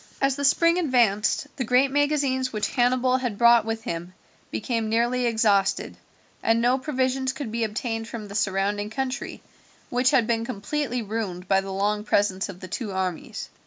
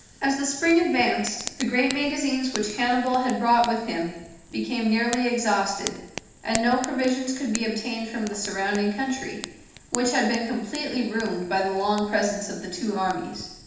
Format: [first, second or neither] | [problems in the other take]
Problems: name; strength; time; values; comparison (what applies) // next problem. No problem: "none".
first | background sound (Fire); 15 dB below the speech // room echo; dies away in 0.8 s